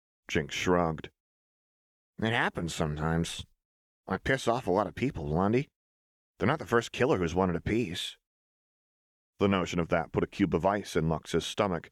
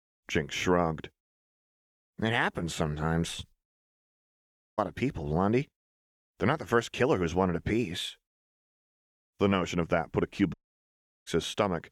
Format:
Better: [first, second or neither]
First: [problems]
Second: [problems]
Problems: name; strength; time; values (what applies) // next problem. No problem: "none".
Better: first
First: none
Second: audio cutting out; at 4 s for 1 s and at 11 s for 0.5 s